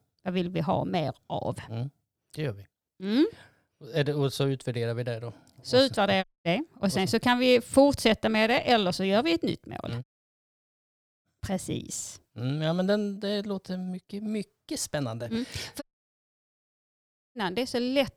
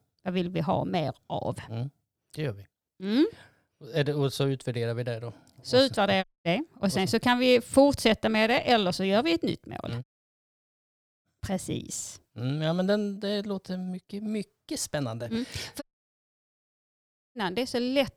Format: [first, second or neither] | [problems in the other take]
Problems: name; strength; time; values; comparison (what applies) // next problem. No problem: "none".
neither | audio cutting out; at 6 s, at 10 s for 1 s and at 16 s for 1.5 s; the same in both